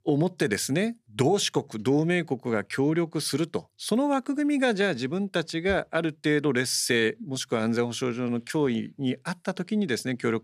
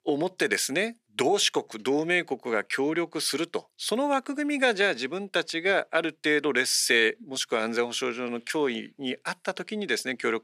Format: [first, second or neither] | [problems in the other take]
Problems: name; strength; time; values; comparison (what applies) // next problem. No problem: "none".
first | thin; somewhat; fading below 350 Hz